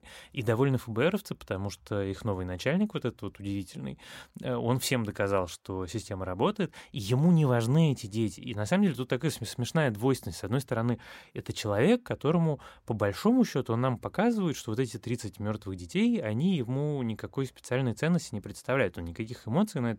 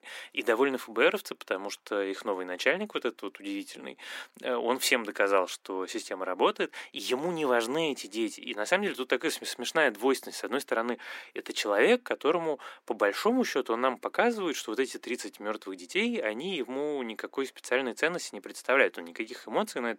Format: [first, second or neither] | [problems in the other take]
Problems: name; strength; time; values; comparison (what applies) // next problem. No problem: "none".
first | thin; somewhat; fading below 300 Hz